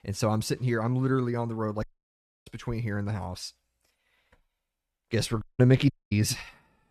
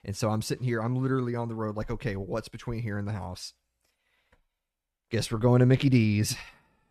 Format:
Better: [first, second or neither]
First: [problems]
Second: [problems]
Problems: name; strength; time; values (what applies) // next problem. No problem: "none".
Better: second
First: audio cutting out; at 2 s for 0.5 s, at 5.5 s and at 6 s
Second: none